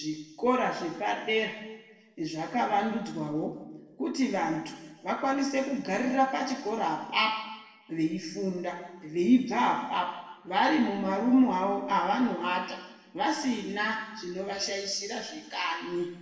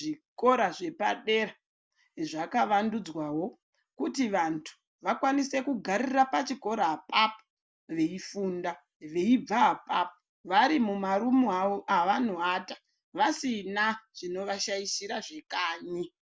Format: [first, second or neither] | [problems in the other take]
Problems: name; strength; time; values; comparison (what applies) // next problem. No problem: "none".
second | room echo; dies away in 1.1 s